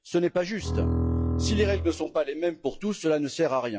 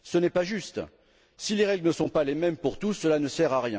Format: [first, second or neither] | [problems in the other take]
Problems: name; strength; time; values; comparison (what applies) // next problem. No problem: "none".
second | noise reduction (classical method log-MMSE)